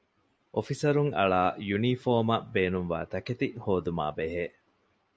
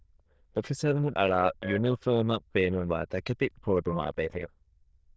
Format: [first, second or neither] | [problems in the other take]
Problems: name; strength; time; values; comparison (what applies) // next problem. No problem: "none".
first | noise reduction (neural diffusion model UNIVERSE++)